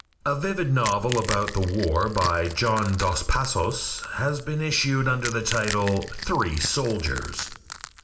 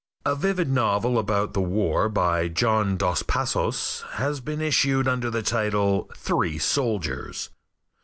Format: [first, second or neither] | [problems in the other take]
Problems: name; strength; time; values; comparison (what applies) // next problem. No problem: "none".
second | background sound (Crack / Crushing); 13 dB below the speech // room echo; dies away in 1.2 s